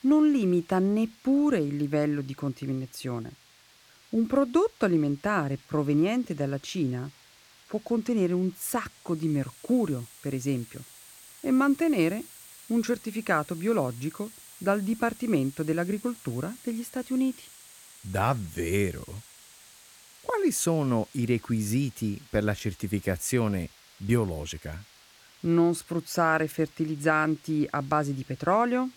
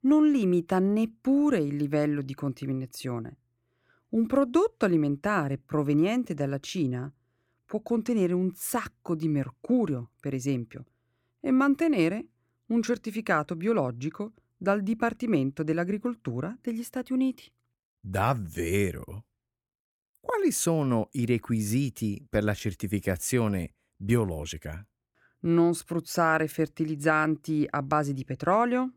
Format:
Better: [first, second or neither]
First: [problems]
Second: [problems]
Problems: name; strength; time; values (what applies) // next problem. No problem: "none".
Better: second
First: hiss; faint; throughout; 20 dB below the speech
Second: none